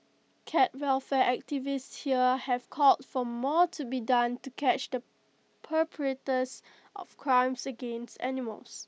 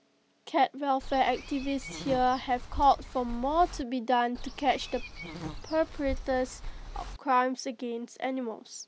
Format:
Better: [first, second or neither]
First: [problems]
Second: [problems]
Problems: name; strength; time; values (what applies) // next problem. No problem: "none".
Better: first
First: none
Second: background sound (Walk, footsteps / Insect); 10 dB below the speech